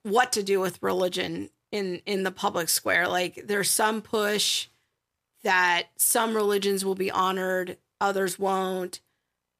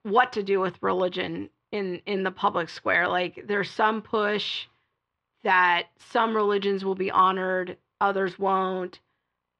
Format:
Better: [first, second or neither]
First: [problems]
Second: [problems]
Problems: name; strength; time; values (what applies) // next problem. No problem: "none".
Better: first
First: none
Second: muffled; very; fading above 3.5 kHz